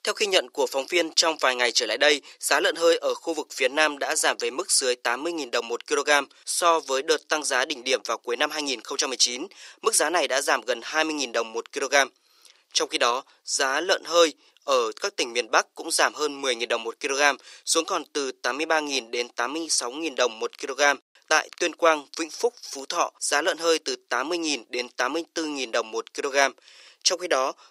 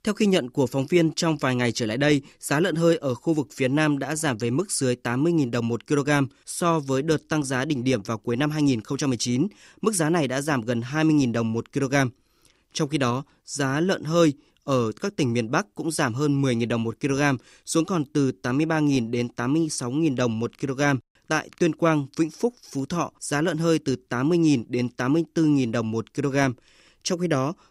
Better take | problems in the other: second | thin; very; fading below 450 Hz

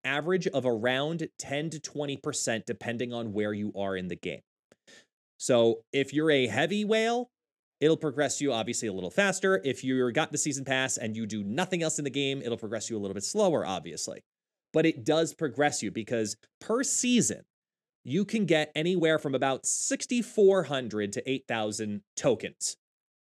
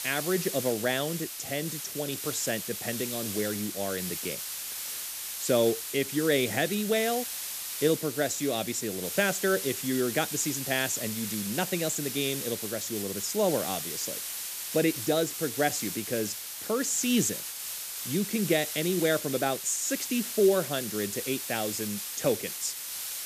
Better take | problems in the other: first | hiss; loud; throughout; 4 dB below the speech

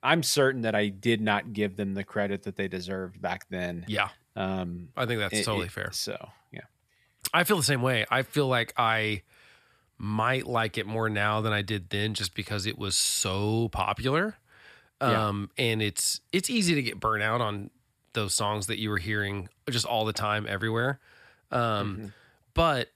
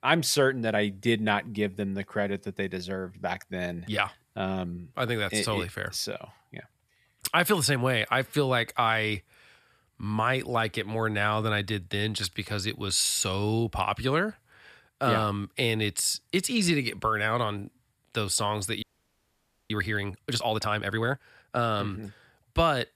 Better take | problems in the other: first | audio freezing; at 19 s for 1 s

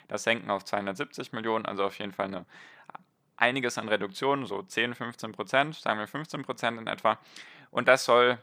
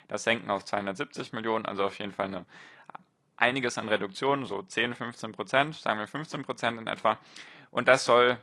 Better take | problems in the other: first | garbled, watery; slightly

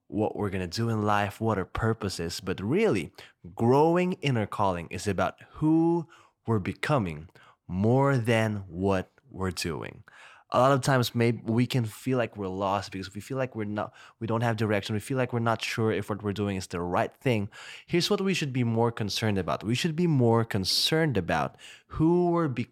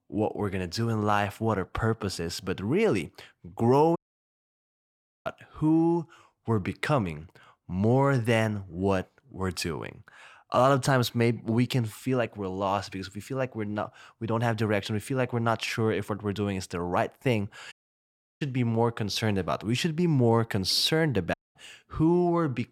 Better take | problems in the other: first | audio cutting out; at 4 s for 1.5 s, at 18 s for 0.5 s and at 21 s

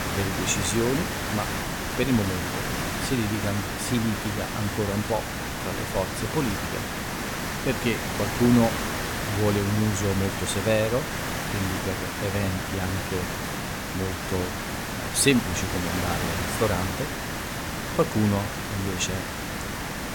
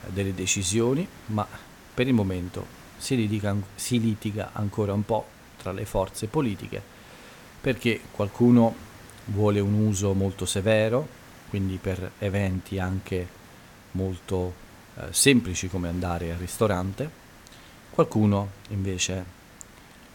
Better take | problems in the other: second | hiss; loud; throughout; 2 dB below the speech; faint in the second

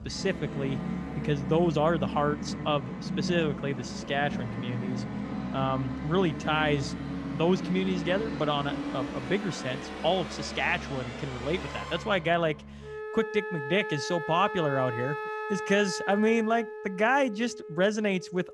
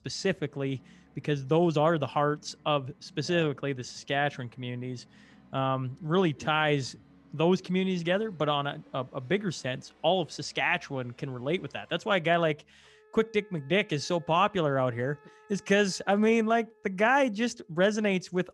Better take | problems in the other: second | background music; loud; throughout; 7 dB below the speech; faint in the second

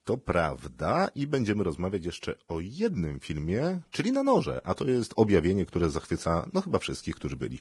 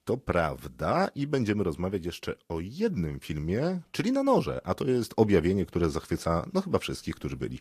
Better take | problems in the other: second | garbled, watery; badly; nothing above 10.5 kHz; slightly in the second

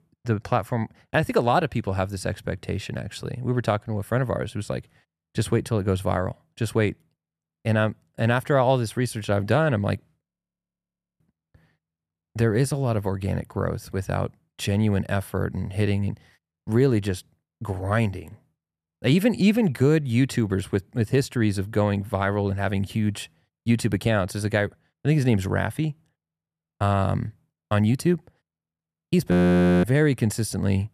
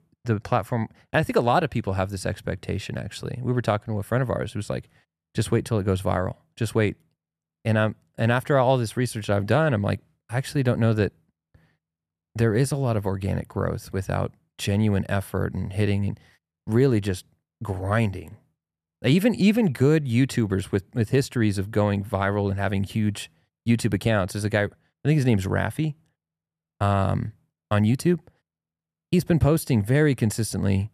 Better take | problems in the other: second | audio freezing; at 10 s for 1 s and at 29 s for 0.5 s

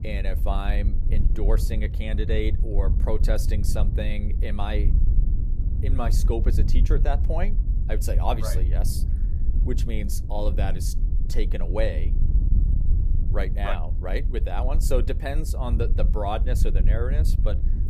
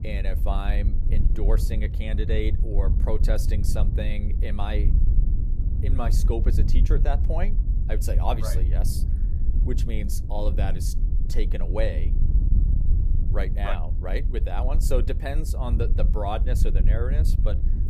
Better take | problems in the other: first | wind noise on the microphone; heavy; 9 dB below the speech; occasional gusts in the first

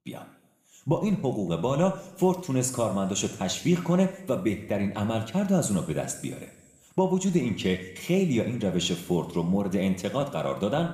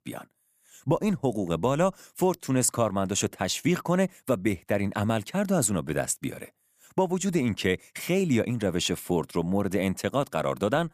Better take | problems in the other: second | room echo; slight; dies away in 1 s

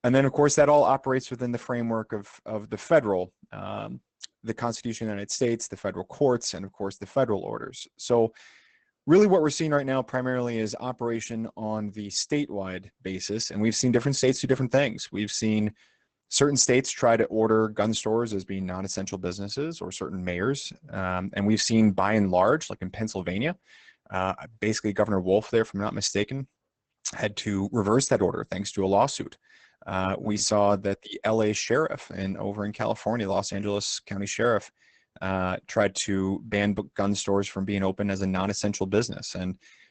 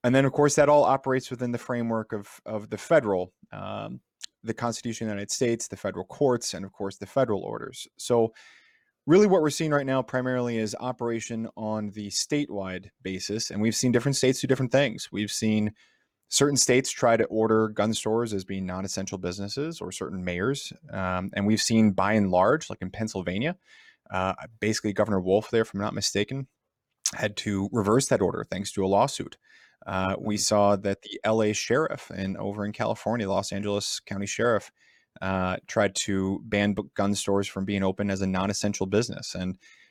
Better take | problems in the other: second | garbled, watery; badly; nothing above 8 kHz

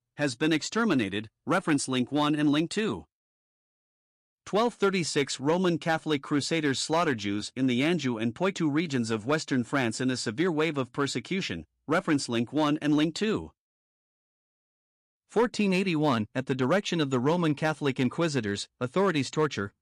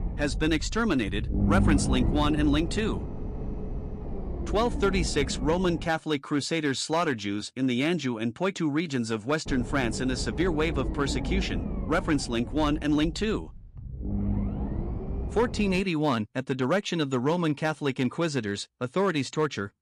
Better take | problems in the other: first | low rumble; noticeable; until 6 s and from 9.5 to 16 s; 10 dB below the speech

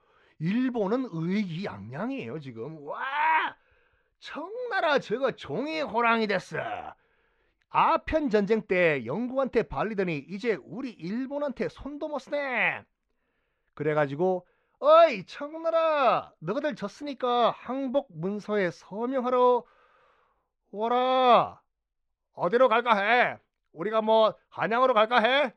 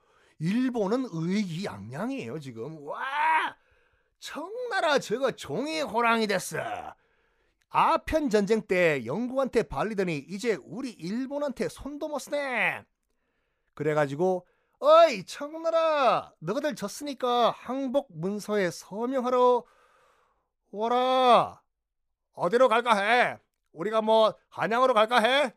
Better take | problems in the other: second | muffled; very slightly; fading above 3 kHz

